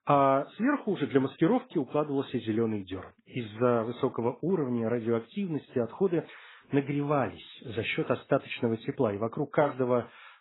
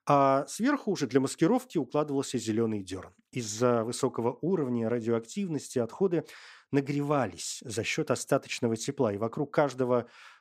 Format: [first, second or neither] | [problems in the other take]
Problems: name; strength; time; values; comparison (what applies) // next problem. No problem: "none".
second | garbled, watery; badly; nothing above 4 kHz